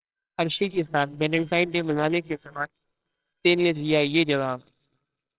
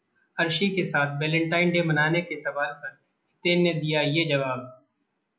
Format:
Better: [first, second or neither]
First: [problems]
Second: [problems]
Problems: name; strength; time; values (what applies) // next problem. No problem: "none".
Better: second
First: noise reduction (neural separator model SepFormer WHAMR!)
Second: none